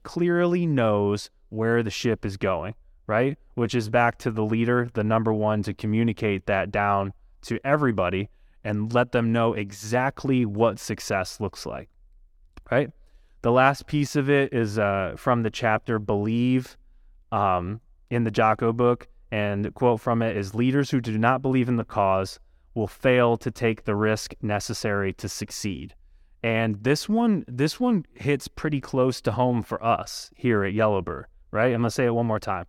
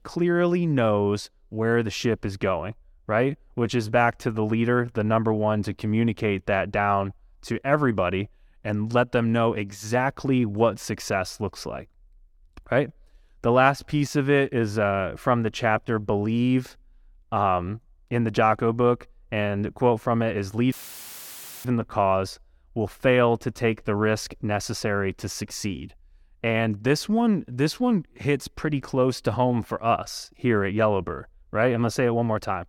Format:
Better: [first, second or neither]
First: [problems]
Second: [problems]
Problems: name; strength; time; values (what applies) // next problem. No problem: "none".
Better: first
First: none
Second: audio cutting out; filled with static; at 21 s for 1 s